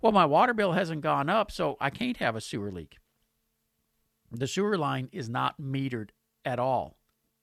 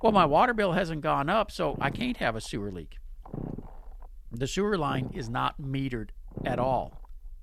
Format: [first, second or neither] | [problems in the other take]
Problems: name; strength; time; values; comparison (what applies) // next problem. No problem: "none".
first | low rumble; noticeable; throughout; 20 dB below the speech